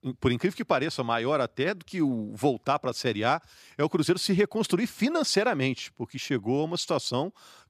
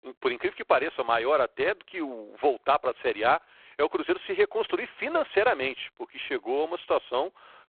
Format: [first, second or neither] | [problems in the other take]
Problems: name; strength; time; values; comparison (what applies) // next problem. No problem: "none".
first | phone-call audio; poor line